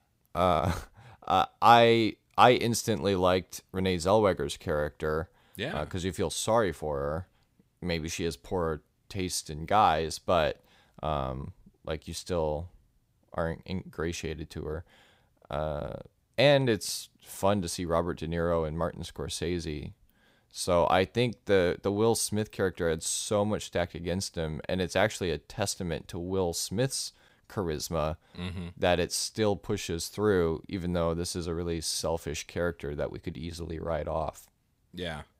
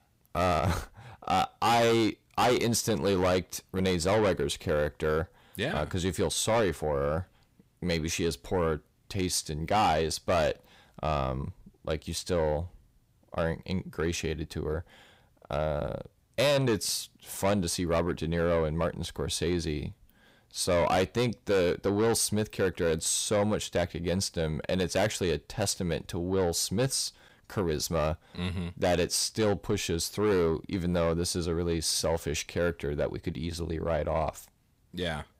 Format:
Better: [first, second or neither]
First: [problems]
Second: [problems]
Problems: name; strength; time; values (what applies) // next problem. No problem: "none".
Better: first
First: none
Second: distortion; heavy; 7 dB below the speech